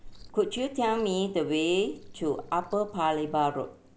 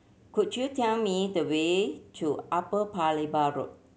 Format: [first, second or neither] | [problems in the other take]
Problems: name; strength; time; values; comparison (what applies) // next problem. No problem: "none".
second | background sound (Liquid); 19 dB below the speech